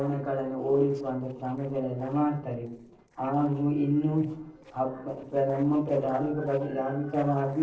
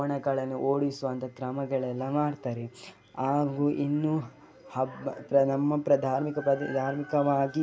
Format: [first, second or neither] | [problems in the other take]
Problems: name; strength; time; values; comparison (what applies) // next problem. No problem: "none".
second | noise reduction (neural separator model SepFormer DNS4)